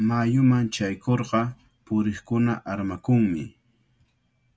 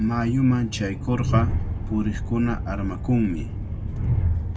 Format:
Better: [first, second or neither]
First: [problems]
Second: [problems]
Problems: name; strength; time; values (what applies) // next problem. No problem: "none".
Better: first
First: none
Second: background sound (Train); 1 dB below the speech